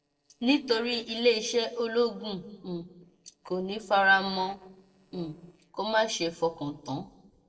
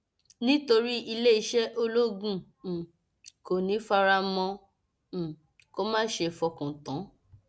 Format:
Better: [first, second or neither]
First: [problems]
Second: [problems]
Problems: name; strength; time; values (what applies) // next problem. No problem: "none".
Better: second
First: noise reduction (neural separator model SepFormer DNS4)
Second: none